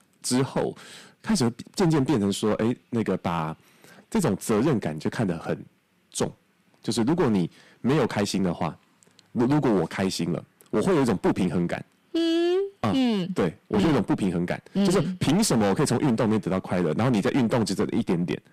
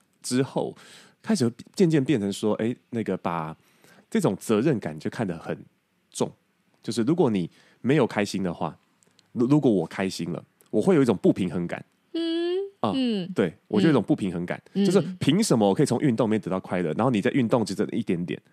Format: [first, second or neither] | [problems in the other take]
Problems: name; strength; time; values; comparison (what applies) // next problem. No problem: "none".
second | distortion; heavy; 13% of the sound clipped